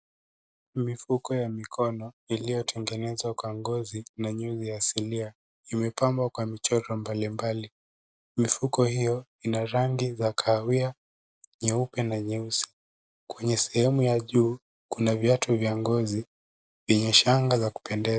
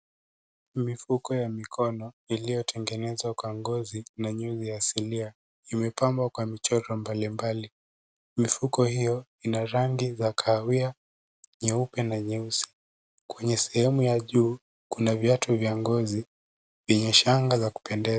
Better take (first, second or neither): second